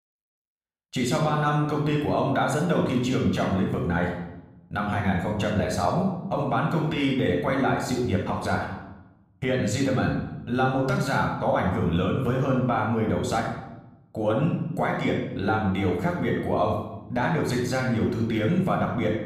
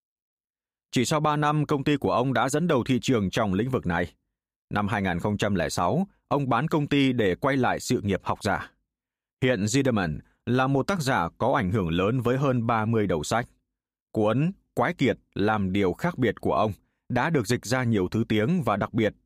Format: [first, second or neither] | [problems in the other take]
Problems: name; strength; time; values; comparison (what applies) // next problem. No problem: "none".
second | room echo; noticeable; dies away in 0.8 s // off-mic speech; somewhat distant